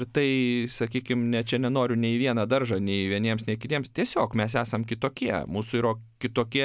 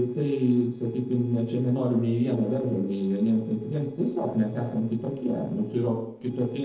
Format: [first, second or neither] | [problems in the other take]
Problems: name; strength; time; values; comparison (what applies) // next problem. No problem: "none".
first | noise reduction (neural separator model SepFormer DNS4)